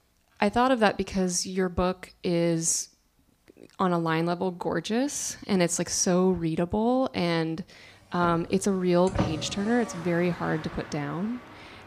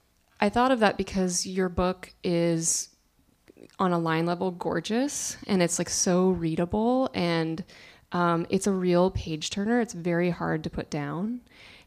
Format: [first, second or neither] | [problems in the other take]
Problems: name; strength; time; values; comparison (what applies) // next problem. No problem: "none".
second | traffic noise; noticeable; from 8.5 s on; 10 dB below the speech